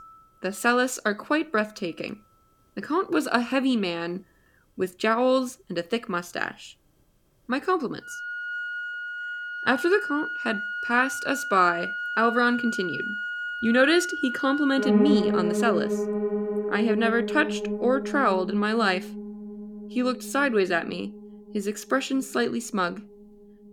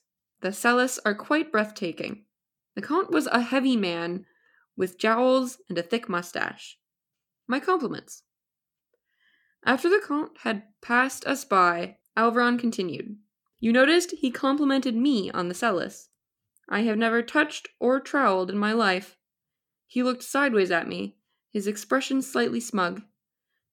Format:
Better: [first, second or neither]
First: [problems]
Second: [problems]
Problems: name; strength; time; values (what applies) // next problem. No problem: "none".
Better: second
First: background music; loud; throughout; 4 dB below the speech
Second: none